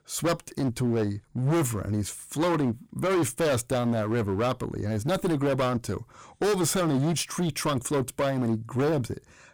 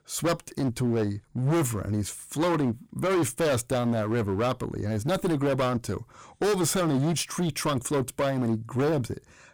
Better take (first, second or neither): neither